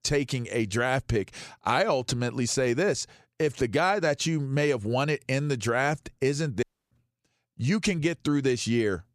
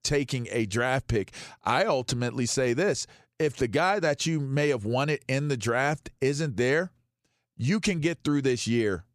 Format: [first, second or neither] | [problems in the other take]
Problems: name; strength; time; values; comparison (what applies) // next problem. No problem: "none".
second | audio cutting out; at 6.5 s